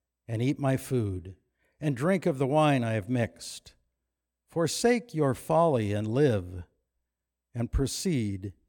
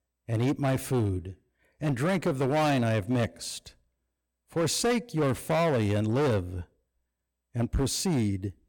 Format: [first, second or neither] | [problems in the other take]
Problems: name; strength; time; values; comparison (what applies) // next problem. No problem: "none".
first | distortion; heavy; 14% of the sound clipped